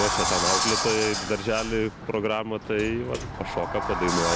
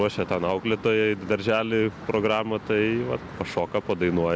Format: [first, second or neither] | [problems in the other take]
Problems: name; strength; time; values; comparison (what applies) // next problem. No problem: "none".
second | background sound (Sliding door); 2 dB below the speech